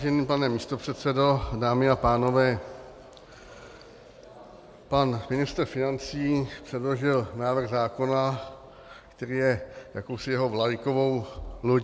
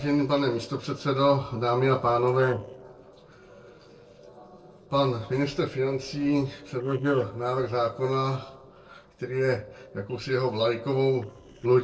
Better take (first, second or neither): first